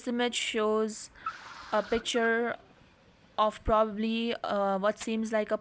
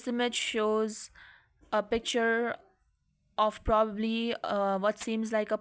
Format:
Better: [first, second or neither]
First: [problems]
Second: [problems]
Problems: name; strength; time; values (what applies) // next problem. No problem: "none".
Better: second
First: background sound (Car); 19 dB below the speech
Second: none